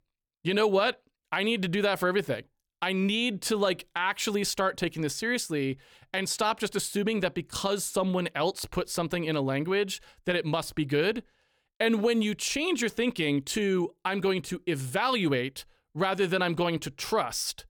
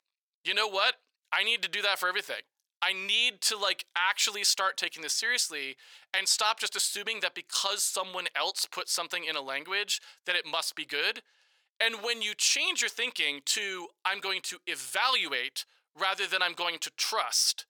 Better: first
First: none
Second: thin; very; fading below 900 Hz

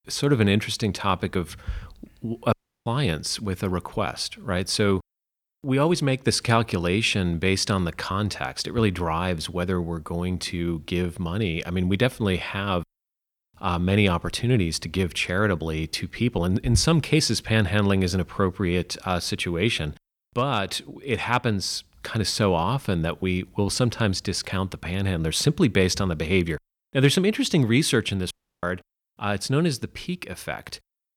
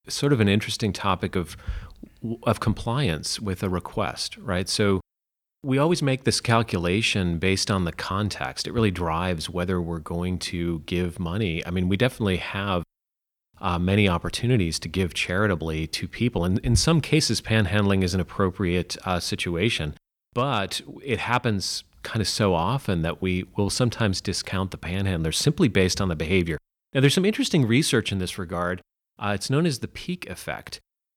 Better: second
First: audio cutting out; at 2.5 s and at 28 s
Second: none

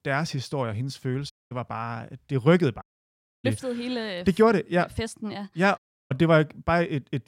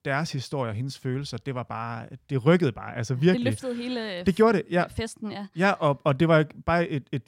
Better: second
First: audio cutting out; at 1.5 s, at 3 s for 0.5 s and at 6 s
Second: none

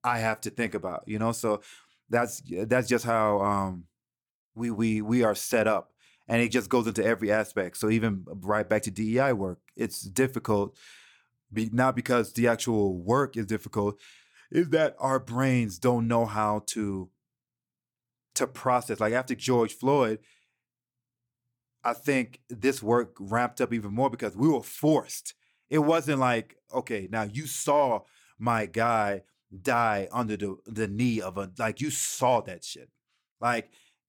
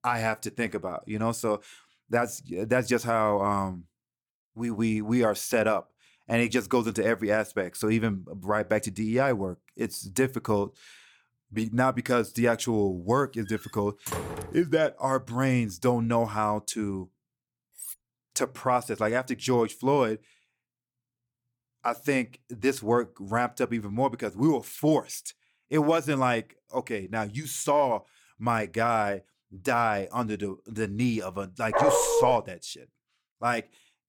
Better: first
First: none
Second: door banging; noticeable; from 13 to 15 s; peak 6 dB below the speech // clattering dishes; faint; at 18 s; peak 10 dB below the speech // dog barking; loud; at 32 s; peak 5 dB above the speech

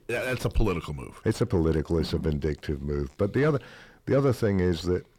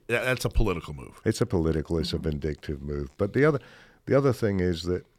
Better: second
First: distortion; slight; 10 dB below the speech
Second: none

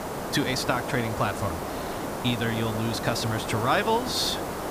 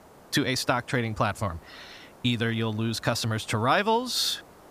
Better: second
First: hiss; loud; throughout; 5 dB below the speech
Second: hiss; faint; throughout; 25 dB below the speech

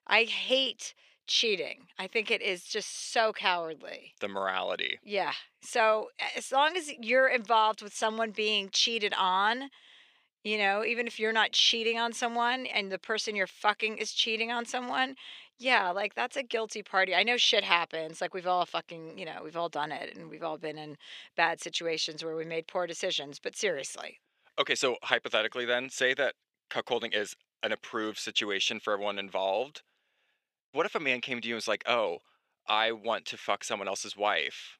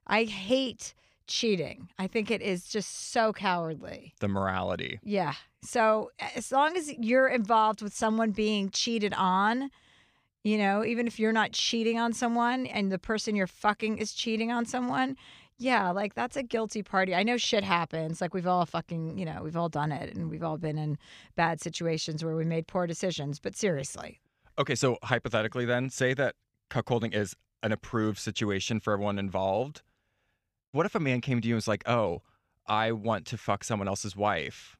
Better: second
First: thin; somewhat; fading below 450 Hz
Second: none

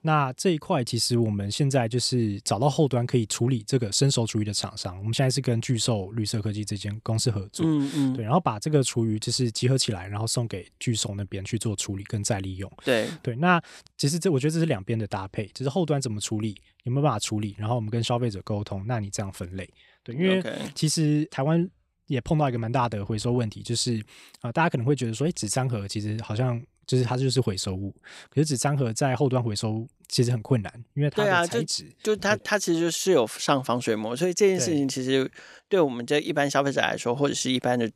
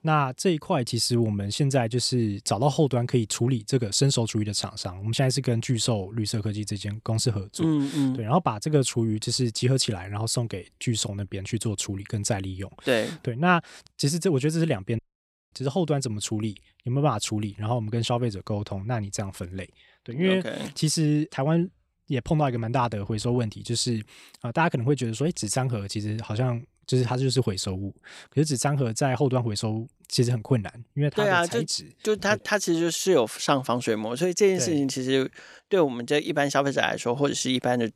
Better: first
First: none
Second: audio cutting out; at 15 s for 0.5 s

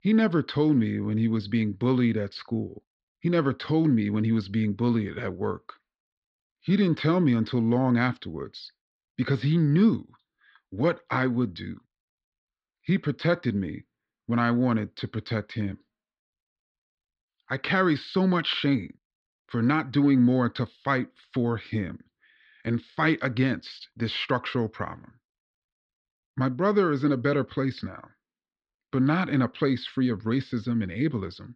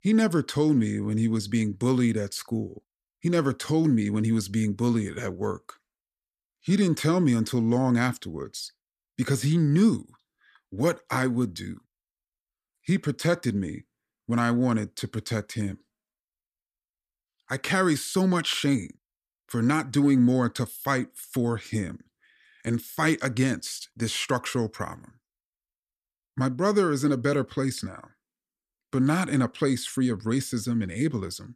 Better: second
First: muffled; slightly; fading above 4 kHz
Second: none

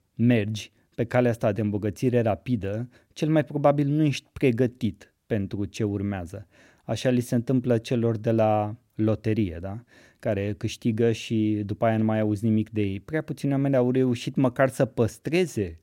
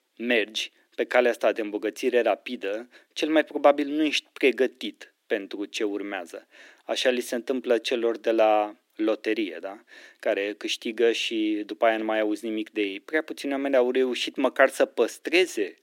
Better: first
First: none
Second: thin; somewhat; fading below 300 Hz

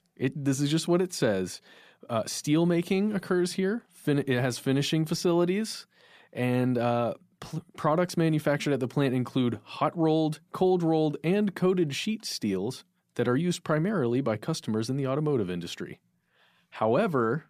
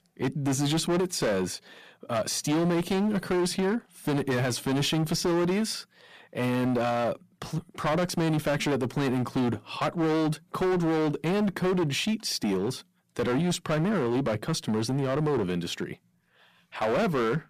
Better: first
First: none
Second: distortion; heavy; 20% of the sound clipped

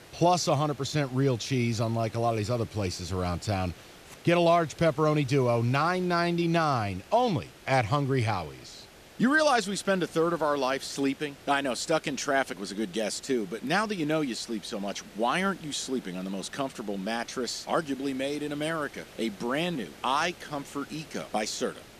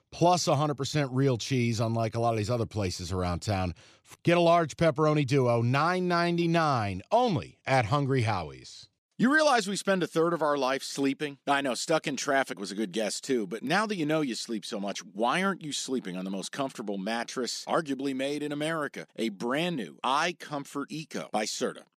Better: second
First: hiss; faint; throughout; 20 dB below the speech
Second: none

